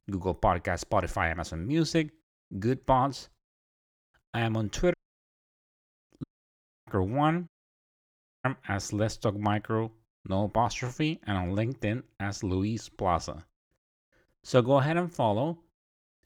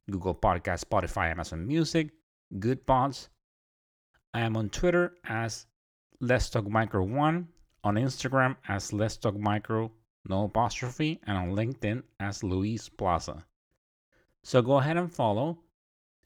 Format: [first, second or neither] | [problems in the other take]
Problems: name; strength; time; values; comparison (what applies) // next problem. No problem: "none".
second | audio cutting out; at 5 s for 1 s, at 6 s for 0.5 s and at 7.5 s for 1 s